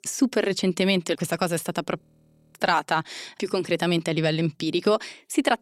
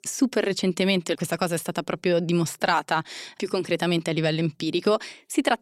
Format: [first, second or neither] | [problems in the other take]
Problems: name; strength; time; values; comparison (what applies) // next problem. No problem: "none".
second | audio freezing; at 2 s for 0.5 s